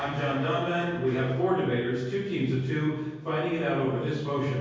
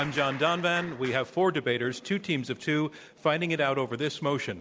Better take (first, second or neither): second